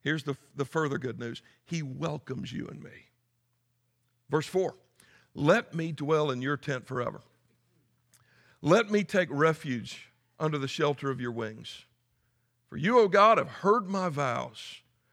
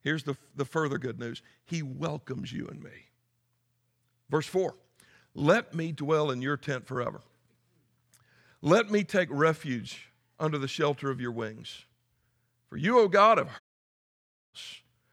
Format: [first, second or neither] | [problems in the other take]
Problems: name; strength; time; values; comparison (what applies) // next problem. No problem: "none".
first | audio cutting out; at 14 s for 1 s